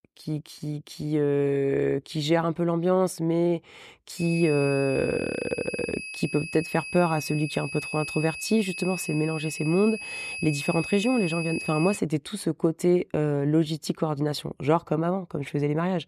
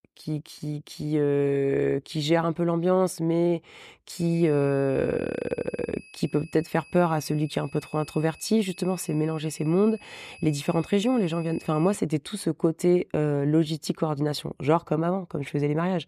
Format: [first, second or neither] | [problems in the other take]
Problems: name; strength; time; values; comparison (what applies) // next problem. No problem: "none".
second | high-pitched whine; loud; from 4 to 12 s; 2.5 kHz, 7 dB below the speech; faint in the second